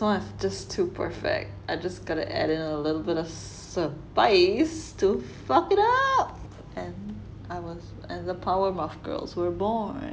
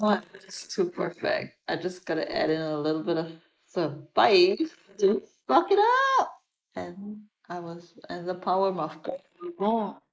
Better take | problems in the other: first | noise reduction (neural mask model Resemble Enhance denoiser)

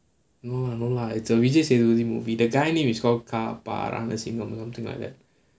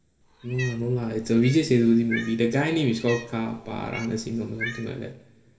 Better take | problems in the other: first | background sound (Cat); 14 dB below the speech // room echo; dies away in 2.8 s

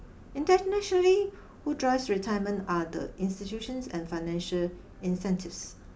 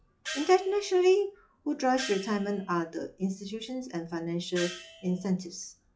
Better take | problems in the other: first | noise reduction (classical method log-MMSE)

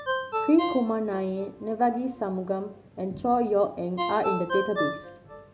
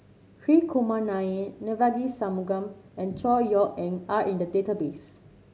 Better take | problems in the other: second | background sound (Ringtone); 7 dB below the speech

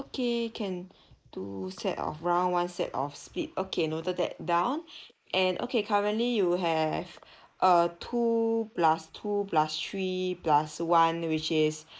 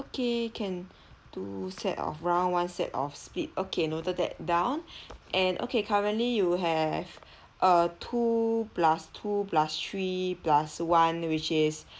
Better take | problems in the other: second | noise reduction (neural mask model Resemble Enhance denoiser)

